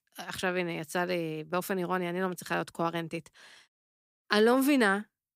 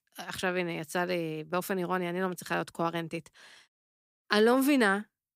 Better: neither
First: none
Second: none

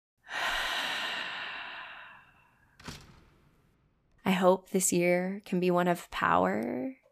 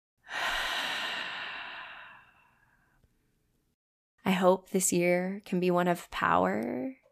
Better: second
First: door banging; faint; at 3 s; peak 15 dB below the speech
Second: none

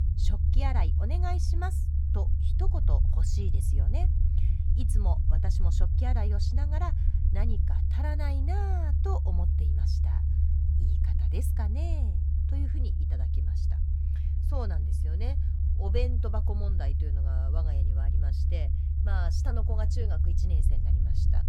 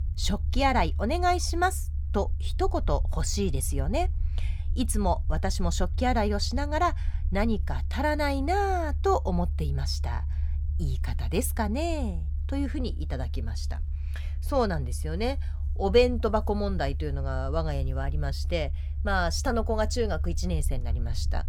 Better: second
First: low rumble; loud; throughout; 3 dB below the speech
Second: low rumble; faint; throughout; 20 dB below the speech

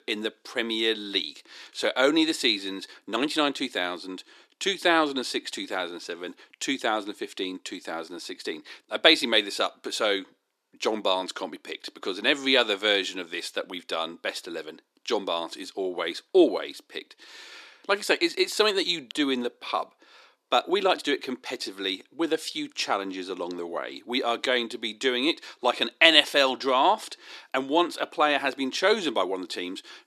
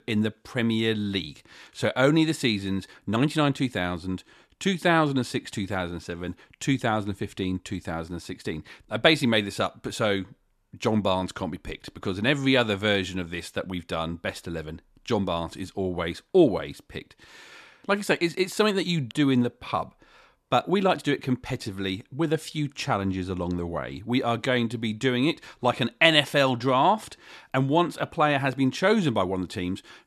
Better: second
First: thin; somewhat; fading below 350 Hz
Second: none

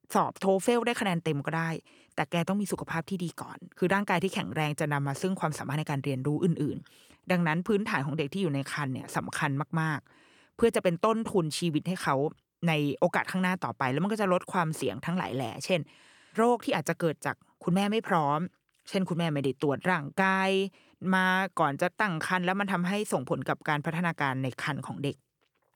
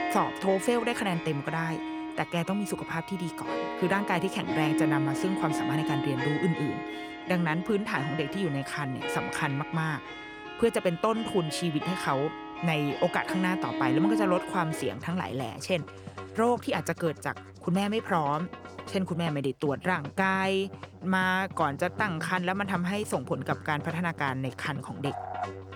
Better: first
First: none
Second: background music; loud; throughout; 6 dB below the speech

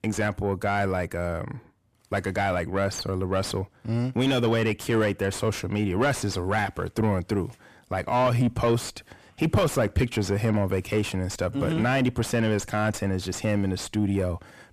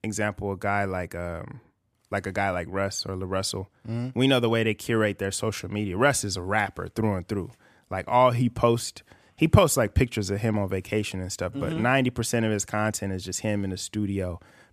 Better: second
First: distortion; heavy; 7 dB below the speech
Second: none

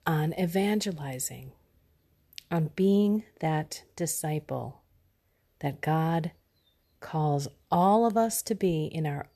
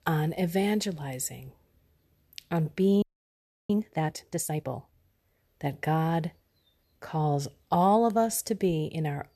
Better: first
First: none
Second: audio freezing; at 3 s for 0.5 s

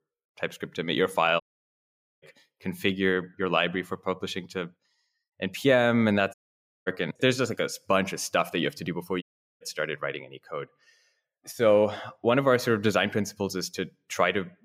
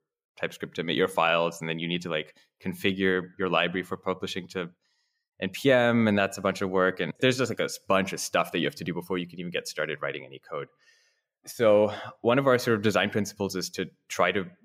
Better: second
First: audio cutting out; at 1.5 s for 1 s, at 6.5 s for 0.5 s and at 9 s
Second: none

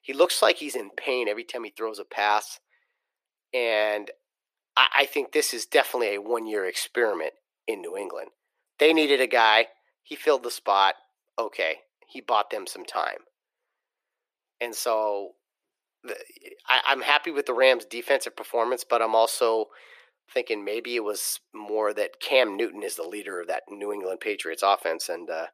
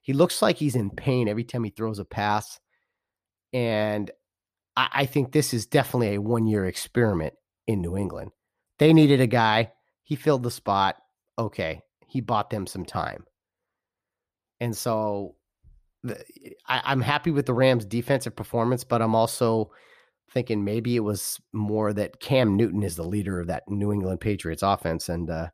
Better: second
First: thin; very; fading below 400 Hz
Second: none

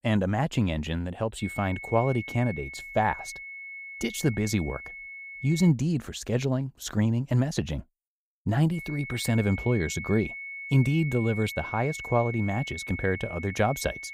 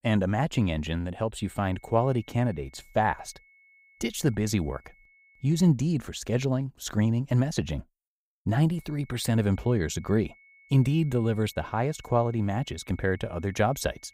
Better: second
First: high-pitched whine; loud; from 1.5 to 5.5 s and from 8.5 s on; 2 kHz, 10 dB below the speech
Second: high-pitched whine; faint; from 1.5 to 5.5 s and from 8.5 s on; 2 kHz, 30 dB below the speech

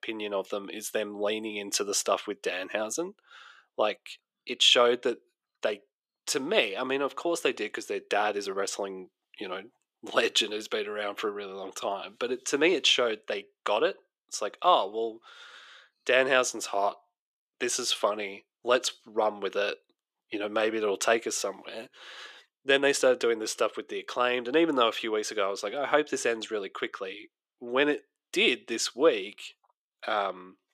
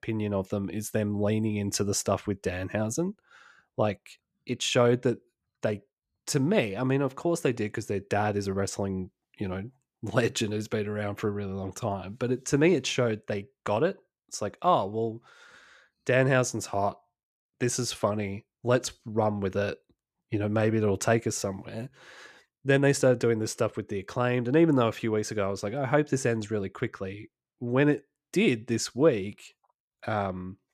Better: second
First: thin; somewhat; fading below 350 Hz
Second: none

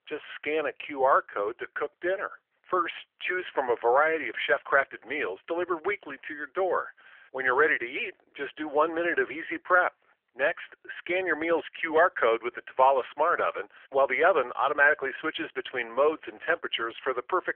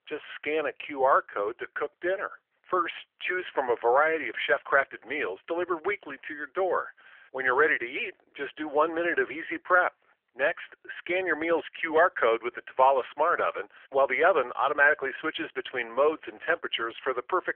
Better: neither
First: phone-call audio; nothing above 3.5 kHz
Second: phone-call audio; nothing above 3.5 kHz

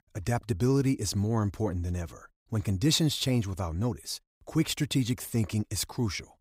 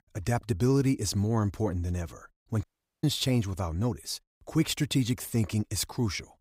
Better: first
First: none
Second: audio cutting out; at 2.5 s

